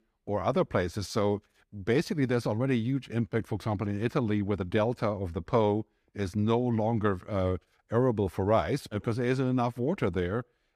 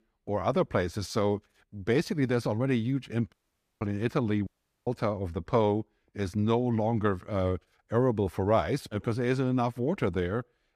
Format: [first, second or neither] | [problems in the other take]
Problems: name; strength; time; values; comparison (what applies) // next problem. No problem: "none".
first | audio cutting out; at 3.5 s and at 4.5 s